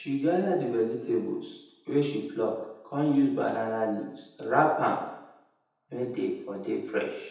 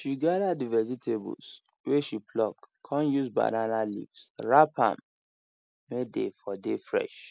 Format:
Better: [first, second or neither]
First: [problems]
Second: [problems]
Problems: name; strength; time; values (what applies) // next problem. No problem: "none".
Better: second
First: room echo; dies away in 0.9 s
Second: none